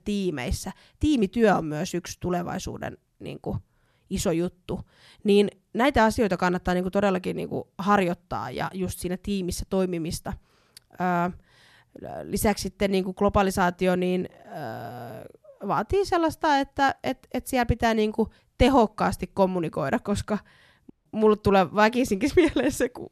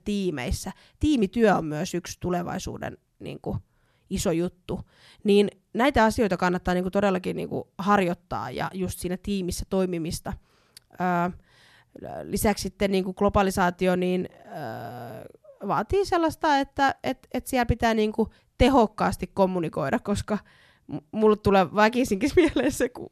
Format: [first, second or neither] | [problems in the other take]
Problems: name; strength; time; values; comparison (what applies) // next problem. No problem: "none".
second | audio cutting out; at 21 s